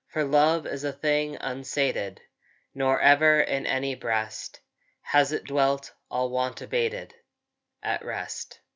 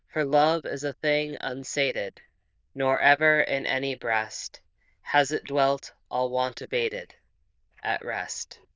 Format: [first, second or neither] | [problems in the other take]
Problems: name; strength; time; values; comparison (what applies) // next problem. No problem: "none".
first | noise reduction (neural diffusion model UNIVERSE++)